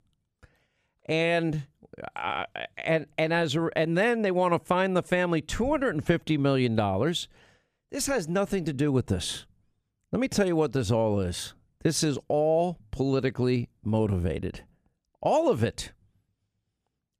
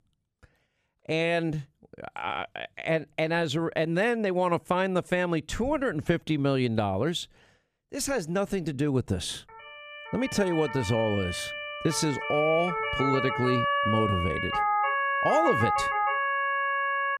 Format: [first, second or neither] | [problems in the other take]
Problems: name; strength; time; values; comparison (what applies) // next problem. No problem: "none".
first | siren; loud; from 10 s on; peak 3 dB above the speech